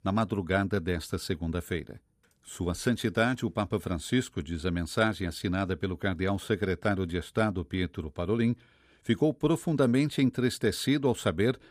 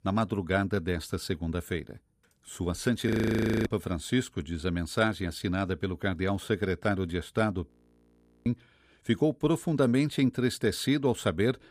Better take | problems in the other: first | audio freezing; at 3 s for 0.5 s and at 7.5 s for 1 s

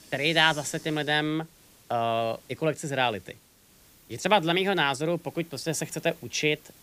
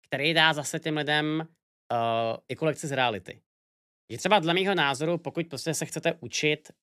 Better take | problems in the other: second | hiss; faint; throughout; 25 dB below the speech

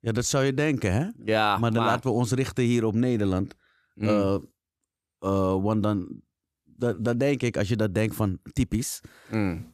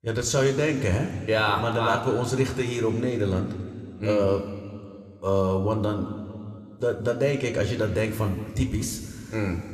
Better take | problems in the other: first | room echo; slight; dies away in 2.1 s

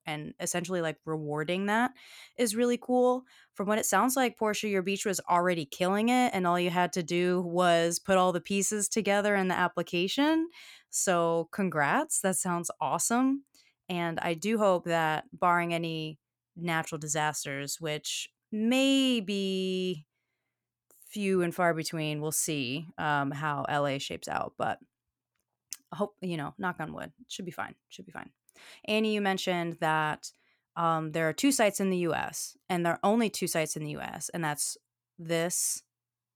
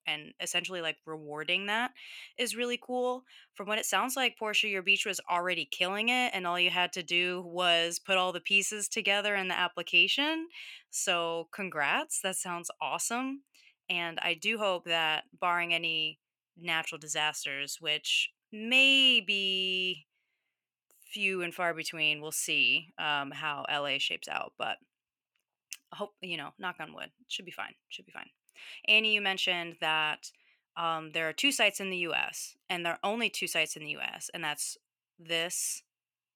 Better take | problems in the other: first | thin; very slightly; fading below 400 Hz

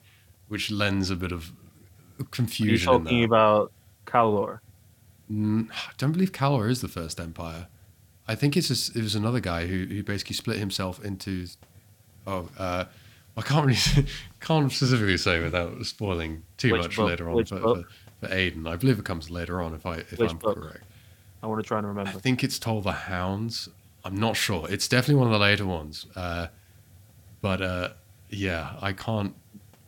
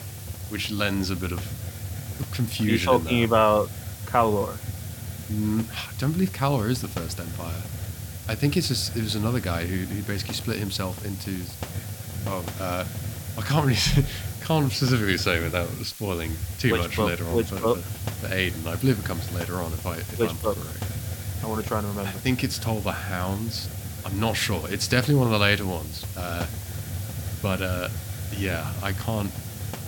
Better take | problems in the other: first | hiss; loud; throughout; 8 dB below the speech; faint in the first

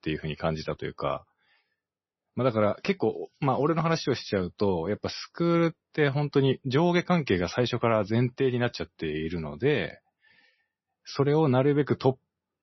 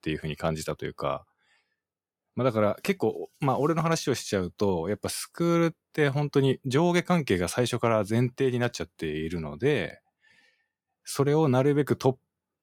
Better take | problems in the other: second | garbled, watery; slightly; nothing above 6 kHz

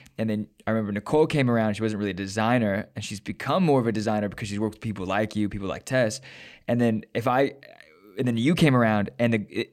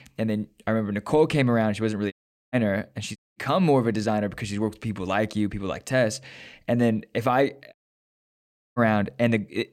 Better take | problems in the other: first | audio cutting out; at 2 s, at 3 s and at 7.5 s for 1 s

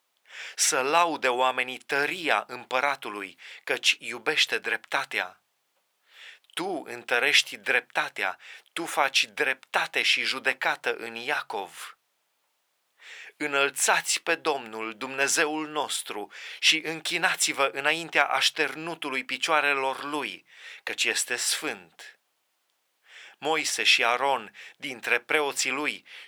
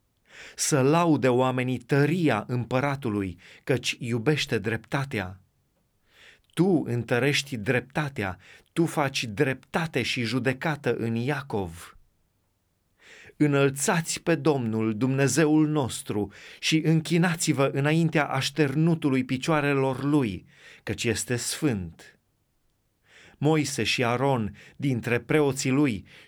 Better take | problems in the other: second | thin; very; fading below 800 Hz

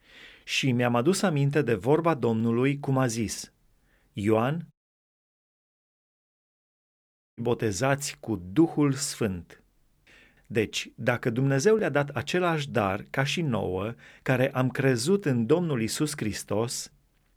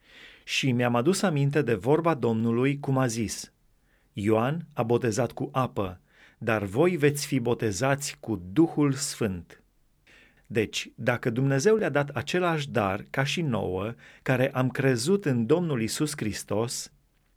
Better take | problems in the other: second | audio cutting out; at 4.5 s for 2.5 s

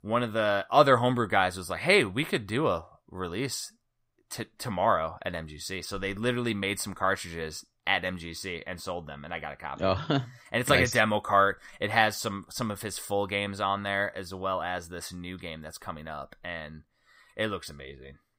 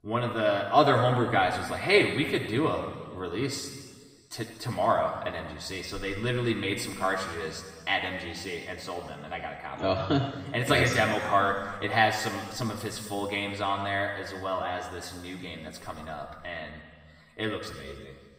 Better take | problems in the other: first | room echo; noticeable; dies away in 1.6 s // off-mic speech; far

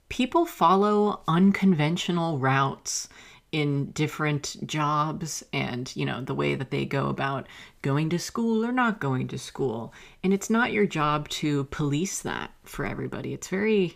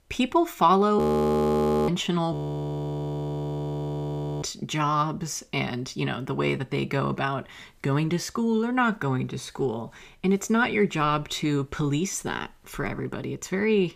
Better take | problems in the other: first | audio freezing; at 1 s for 1 s and at 2.5 s for 2 s

